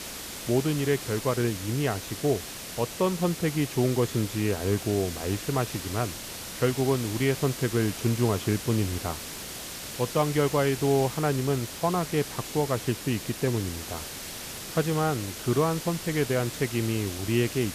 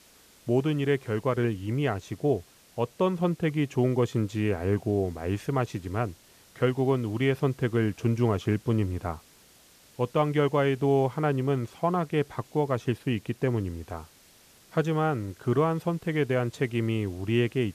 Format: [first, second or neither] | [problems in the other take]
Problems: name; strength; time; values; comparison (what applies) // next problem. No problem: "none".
second | hiss; loud; throughout; 8 dB below the speech; faint in the second